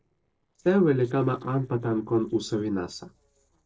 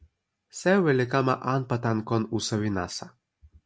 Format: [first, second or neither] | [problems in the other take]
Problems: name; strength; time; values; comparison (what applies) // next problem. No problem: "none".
second | noise reduction (neural separator model SepFormer DNS4)